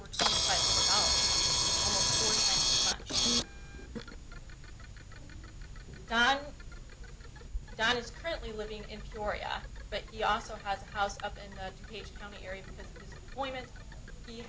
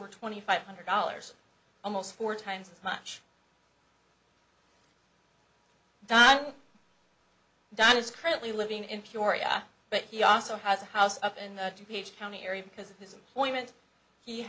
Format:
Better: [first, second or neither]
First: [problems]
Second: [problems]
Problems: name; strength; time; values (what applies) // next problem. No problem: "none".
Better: second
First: background sound (Camera); 4 dB above the speech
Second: none